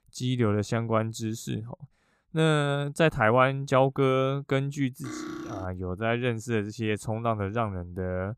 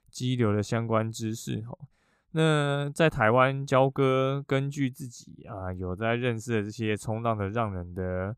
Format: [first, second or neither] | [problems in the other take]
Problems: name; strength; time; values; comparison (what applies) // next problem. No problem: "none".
second | clattering dishes; noticeable; at 5 s; peak 10 dB below the speech